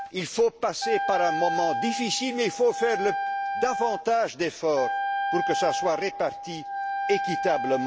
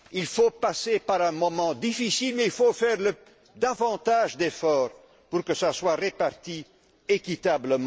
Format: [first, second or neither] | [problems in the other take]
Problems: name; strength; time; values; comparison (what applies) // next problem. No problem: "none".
second | background sound (Wind instrument, woodwind instrument); 3 dB below the speech